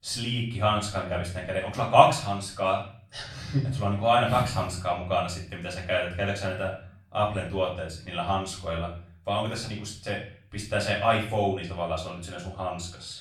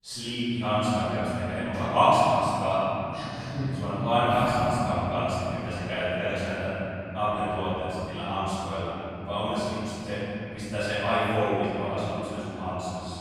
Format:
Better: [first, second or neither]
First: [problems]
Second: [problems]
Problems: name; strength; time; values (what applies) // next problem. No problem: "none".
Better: first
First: room echo; slight; dies away in 0.5 s // off-mic speech; far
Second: room echo; strong; dies away in 3 s // off-mic speech; far